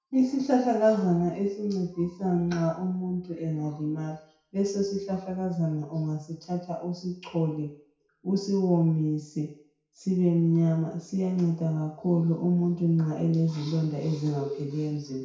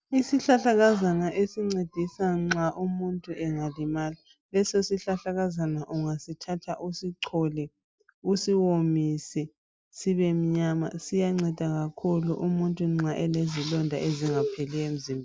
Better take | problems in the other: second | room echo; dies away in 0.6 s

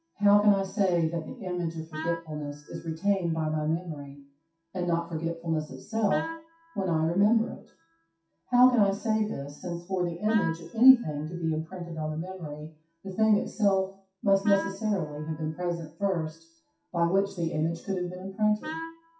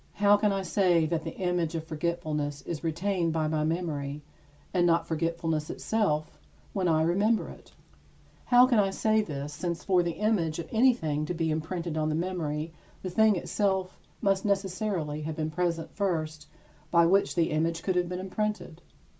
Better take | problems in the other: second | noise reduction (classical method WPE with log-MMSE)

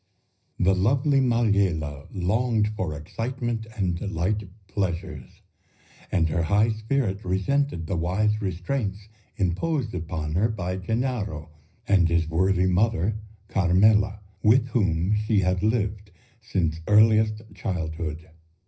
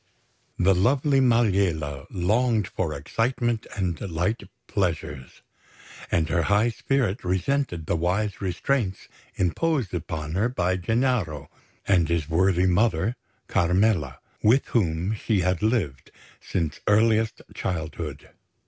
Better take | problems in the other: second | room echo; dies away in 0.4 s

